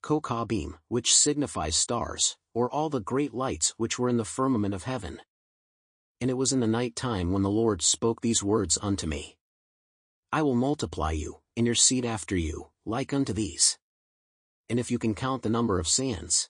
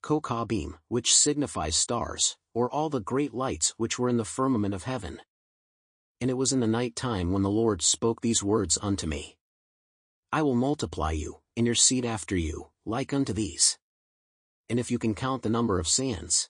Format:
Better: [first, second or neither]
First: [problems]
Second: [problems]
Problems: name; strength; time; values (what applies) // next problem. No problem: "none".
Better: neither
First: garbled, watery; slightly; nothing above 9 kHz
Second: garbled, watery; slightly; nothing above 9 kHz